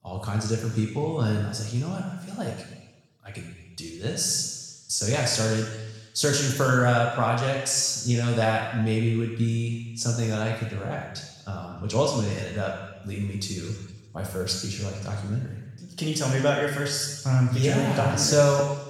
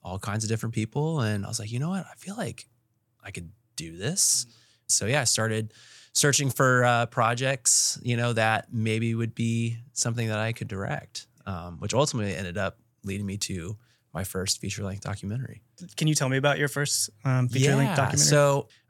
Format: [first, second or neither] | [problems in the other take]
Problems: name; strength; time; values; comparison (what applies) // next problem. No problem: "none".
second | room echo; noticeable; dies away in 1.1 s // off-mic speech; far